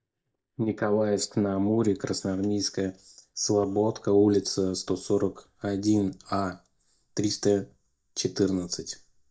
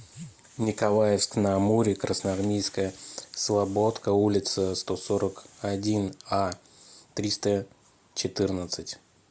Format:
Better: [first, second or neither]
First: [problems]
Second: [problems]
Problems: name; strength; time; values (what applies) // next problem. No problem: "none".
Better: second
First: noise reduction (neural mask model DeepFilterNet 3)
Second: none